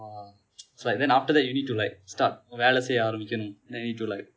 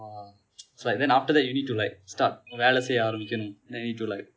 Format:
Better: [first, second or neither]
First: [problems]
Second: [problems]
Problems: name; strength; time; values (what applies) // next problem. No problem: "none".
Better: first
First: none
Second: background sound (Ringtone); 19 dB below the speech